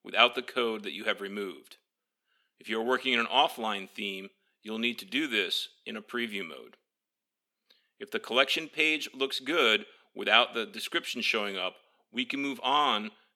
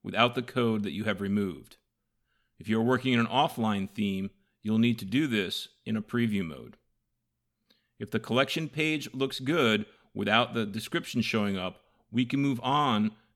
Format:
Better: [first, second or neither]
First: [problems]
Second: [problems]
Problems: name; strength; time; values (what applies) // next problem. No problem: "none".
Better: second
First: thin; somewhat; fading below 350 Hz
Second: none